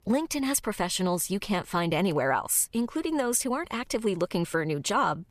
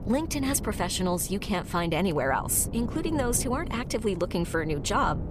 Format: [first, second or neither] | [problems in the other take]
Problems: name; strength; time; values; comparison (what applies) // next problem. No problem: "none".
first | wind noise on the microphone; occasional gusts; 15 dB below the speech